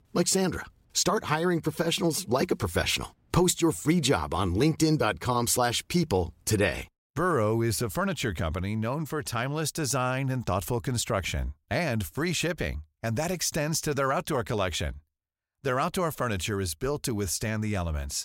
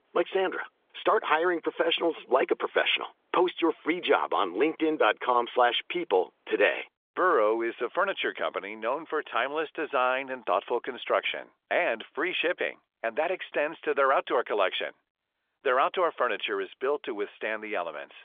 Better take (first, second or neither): first